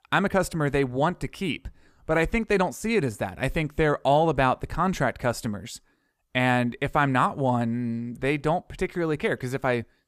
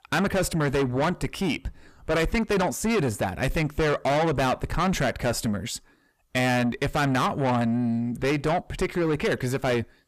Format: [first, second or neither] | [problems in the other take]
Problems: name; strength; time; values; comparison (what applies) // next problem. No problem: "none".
first | distortion; heavy; 6 dB below the speech